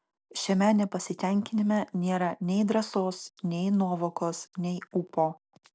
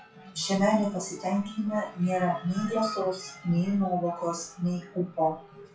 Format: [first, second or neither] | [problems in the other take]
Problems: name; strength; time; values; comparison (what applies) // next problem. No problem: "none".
first | noise reduction (classical method WPE with log-MMSE)